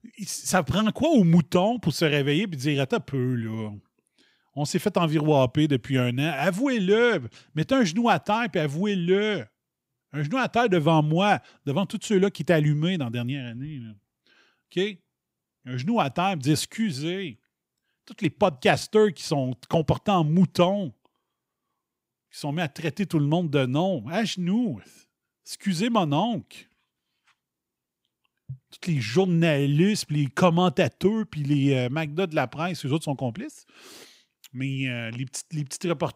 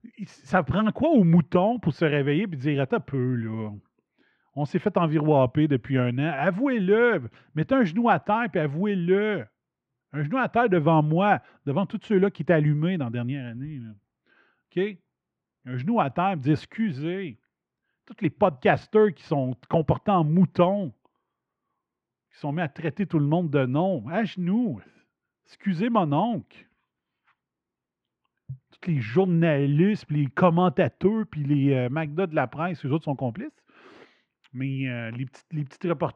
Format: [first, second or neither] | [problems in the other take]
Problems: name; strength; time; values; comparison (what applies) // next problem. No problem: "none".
first | muffled; very; fading above 1.5 kHz